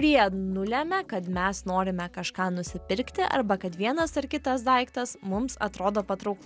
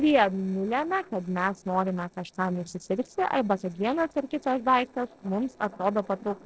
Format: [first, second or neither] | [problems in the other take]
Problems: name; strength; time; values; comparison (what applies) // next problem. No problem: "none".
first | noise reduction (neural separator model SepFormer DNS4)